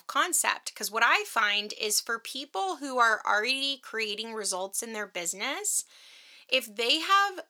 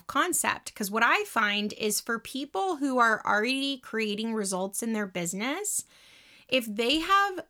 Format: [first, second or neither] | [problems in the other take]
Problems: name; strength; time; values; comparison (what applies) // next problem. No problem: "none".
second | thin; somewhat; fading below 450 Hz